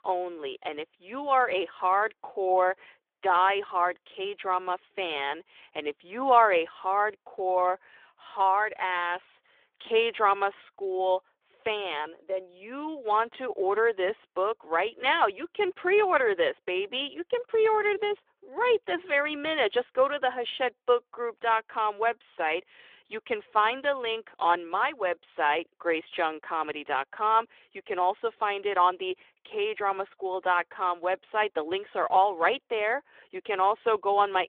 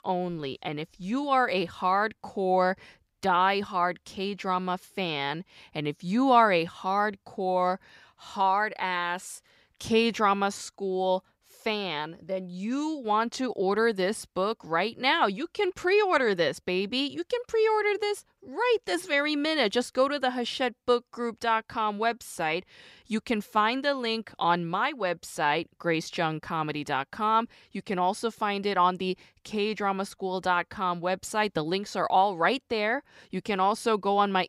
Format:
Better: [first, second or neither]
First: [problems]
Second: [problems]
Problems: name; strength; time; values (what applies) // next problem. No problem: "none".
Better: second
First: phone-call audio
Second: none